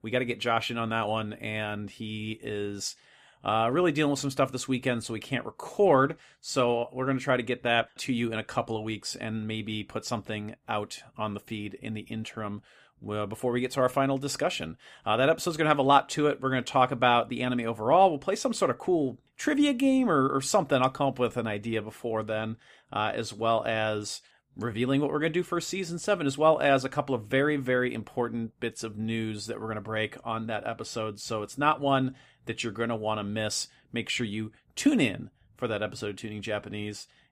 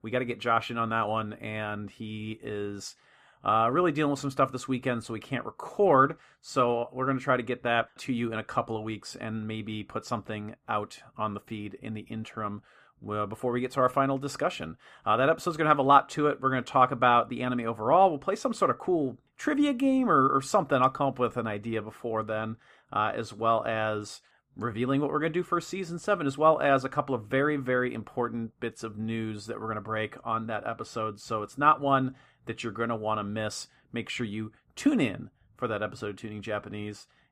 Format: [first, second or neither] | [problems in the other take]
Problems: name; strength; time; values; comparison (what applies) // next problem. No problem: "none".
first | muffled; very slightly; fading above 2 kHz